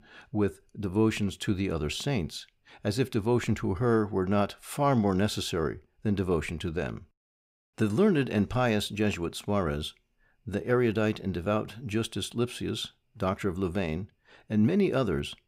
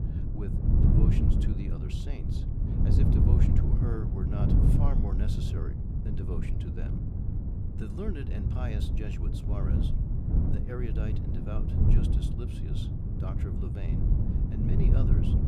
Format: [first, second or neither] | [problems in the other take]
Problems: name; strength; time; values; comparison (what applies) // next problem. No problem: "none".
first | wind noise on the microphone; heavy; 4 dB above the speech